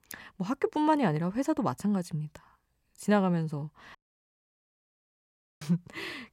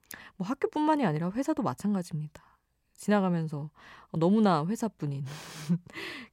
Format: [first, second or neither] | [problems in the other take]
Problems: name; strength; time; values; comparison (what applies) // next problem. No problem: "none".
second | audio cutting out; at 4 s for 1.5 s